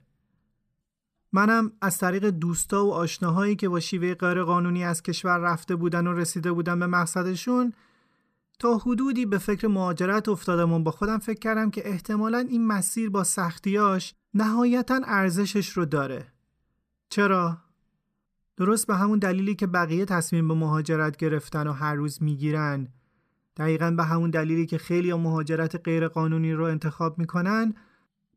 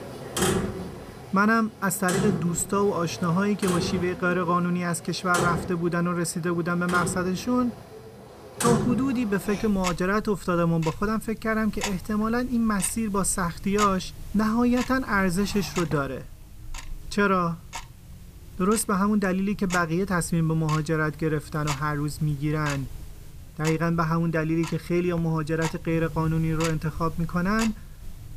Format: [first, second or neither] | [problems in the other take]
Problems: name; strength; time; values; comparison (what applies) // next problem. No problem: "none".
first | household noises; loud; throughout; 9 dB below the speech